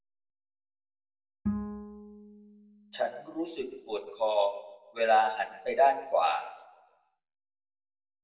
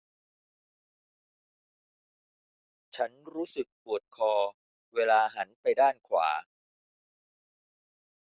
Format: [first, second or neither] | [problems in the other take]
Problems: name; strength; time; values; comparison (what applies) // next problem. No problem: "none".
second | background sound (Bowed string instrument); 10 dB below the speech // room echo; dies away in 0.6 s